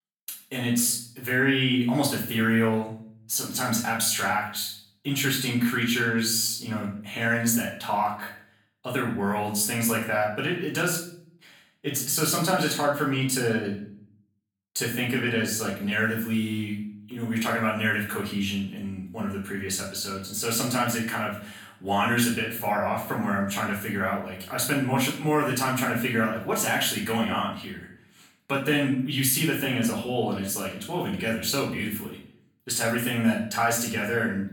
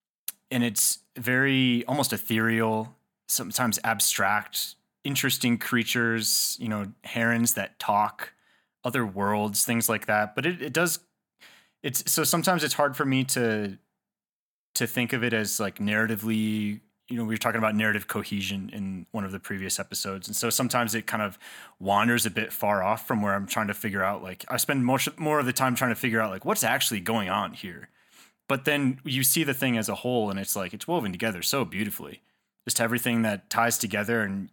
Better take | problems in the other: second | room echo; noticeable; dies away in 0.5 s // off-mic speech; far

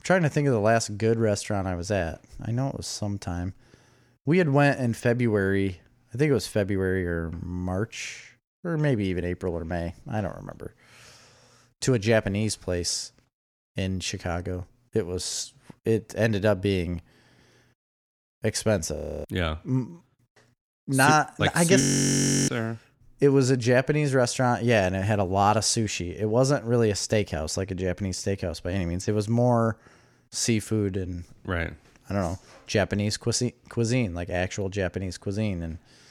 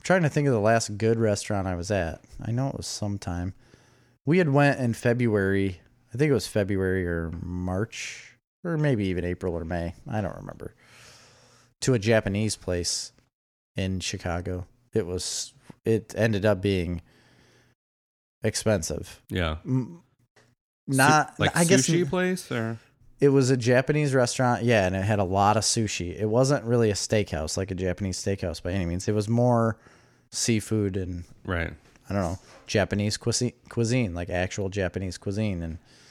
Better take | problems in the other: second | audio freezing; at 19 s and at 22 s for 0.5 s

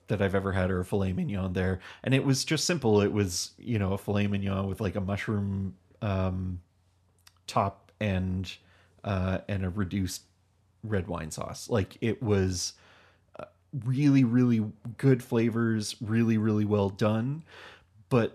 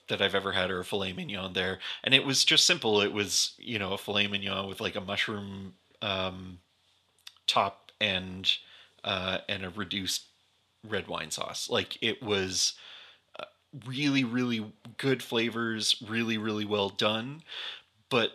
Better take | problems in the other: first | thin; somewhat; fading below 550 Hz

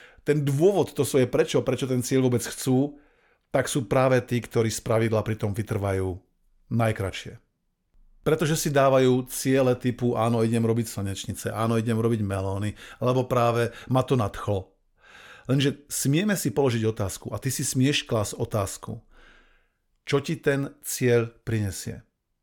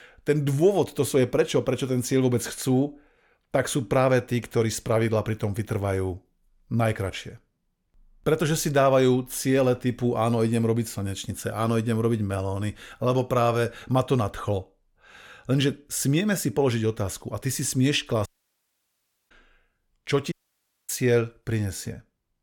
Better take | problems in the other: first | audio cutting out; at 18 s for 1 s and at 20 s for 0.5 s

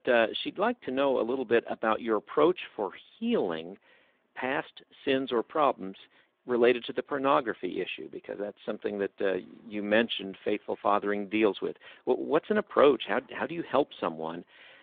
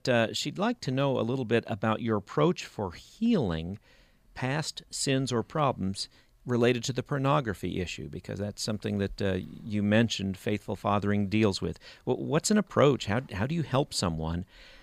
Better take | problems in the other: second | phone-call audio; nothing above 3.5 kHz

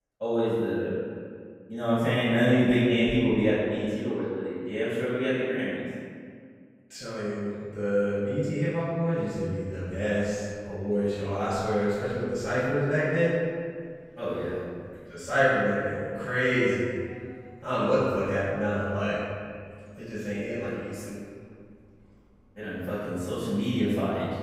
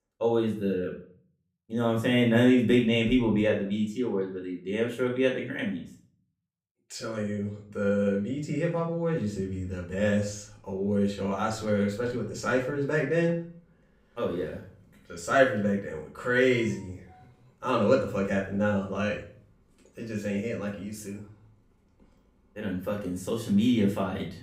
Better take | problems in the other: second | room echo; strong; dies away in 1.9 s; slight in the second // off-mic speech; far; far in the second

